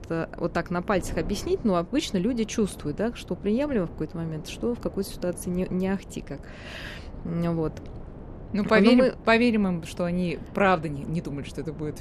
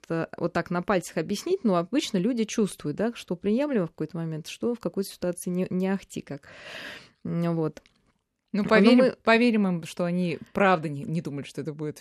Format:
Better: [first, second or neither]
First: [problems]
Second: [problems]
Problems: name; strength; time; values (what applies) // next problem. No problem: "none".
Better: second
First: wind noise on the microphone; occasional gusts; 20 dB below the speech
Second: none